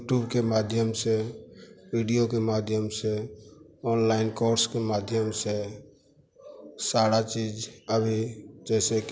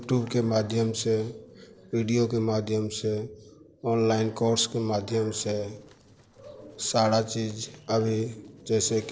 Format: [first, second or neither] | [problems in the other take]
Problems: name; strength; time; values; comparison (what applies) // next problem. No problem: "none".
first | noise reduction (neural separator model SepFormer DNS4)